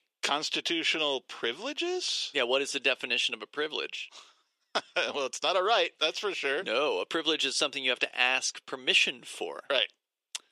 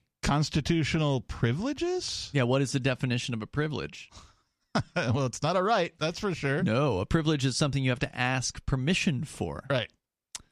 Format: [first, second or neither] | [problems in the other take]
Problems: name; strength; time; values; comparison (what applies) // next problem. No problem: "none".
second | thin; very; fading below 400 Hz